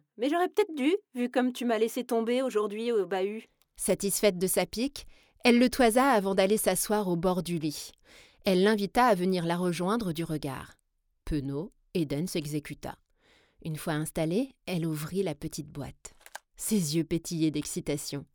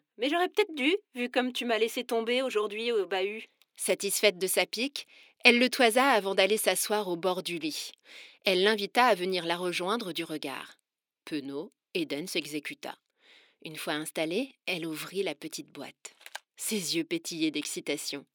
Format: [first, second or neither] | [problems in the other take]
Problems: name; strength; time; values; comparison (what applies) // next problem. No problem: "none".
first | thin; very slightly; fading below 250 Hz